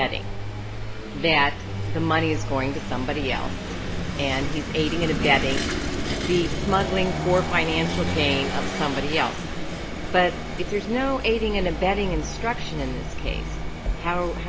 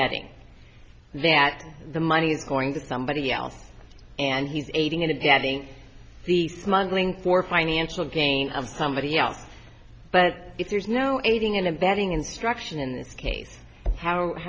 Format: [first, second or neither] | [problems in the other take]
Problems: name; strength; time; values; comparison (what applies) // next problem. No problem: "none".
second | background sound (Engine / Vehicle); 2 dB below the speech